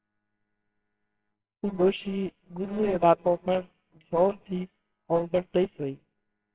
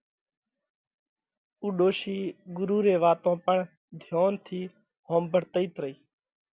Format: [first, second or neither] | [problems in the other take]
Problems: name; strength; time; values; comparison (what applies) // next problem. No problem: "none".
second | noise reduction (neural separator model SepFormer WHAMR!)